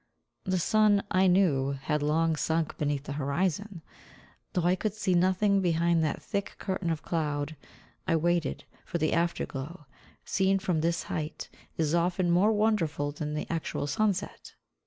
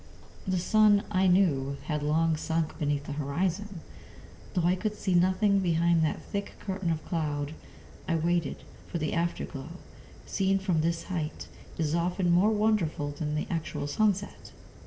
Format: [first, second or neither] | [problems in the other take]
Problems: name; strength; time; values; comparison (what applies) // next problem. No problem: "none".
first | background sound (Fire); 17 dB below the speech // room echo; dies away in 0.7 s